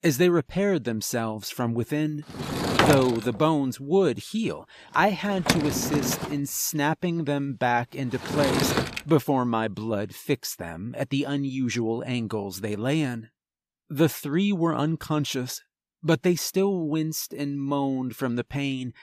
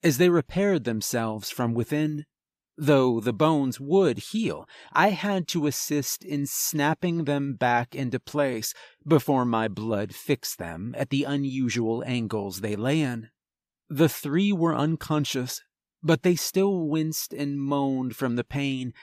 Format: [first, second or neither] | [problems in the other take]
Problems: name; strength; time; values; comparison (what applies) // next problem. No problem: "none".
second | door banging; loud; from 2.5 to 9 s; peak 5 dB above the speech